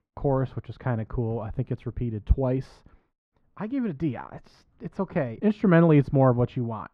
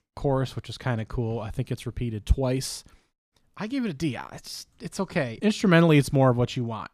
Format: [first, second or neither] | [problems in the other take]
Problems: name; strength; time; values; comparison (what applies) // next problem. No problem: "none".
second | muffled; very; fading above 3.5 kHz